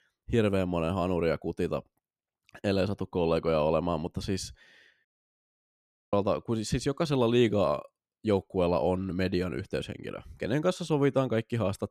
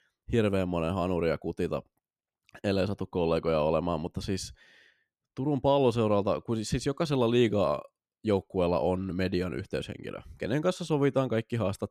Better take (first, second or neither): second